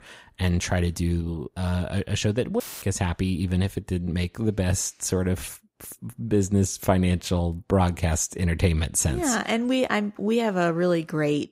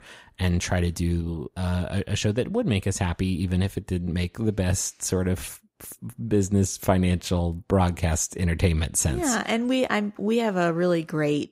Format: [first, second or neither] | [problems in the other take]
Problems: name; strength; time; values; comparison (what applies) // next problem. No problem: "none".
second | audio cutting out; filled with static; at 2.5 s